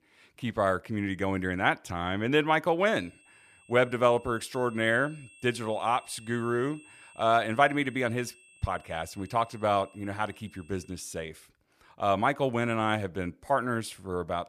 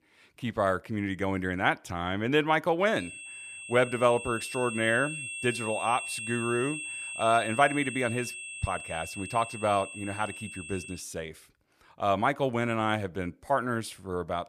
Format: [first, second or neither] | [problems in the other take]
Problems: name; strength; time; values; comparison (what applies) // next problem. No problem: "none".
first | high-pitched whine; loud; from 3 to 11 s; 2.5 kHz, 8 dB below the speech; faint in the first